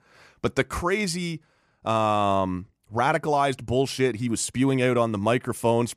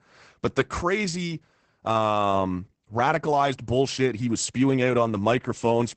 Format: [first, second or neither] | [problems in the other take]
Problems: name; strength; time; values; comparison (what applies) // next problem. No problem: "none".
first | garbled, watery; badly; nothing above 8 kHz